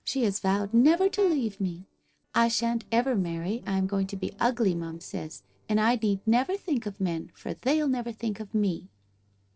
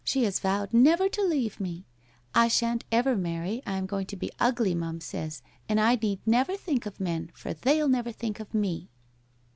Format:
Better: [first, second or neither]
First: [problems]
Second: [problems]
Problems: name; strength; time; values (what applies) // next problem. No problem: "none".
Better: second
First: noise reduction (neural separator model SepFormer DNS4)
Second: none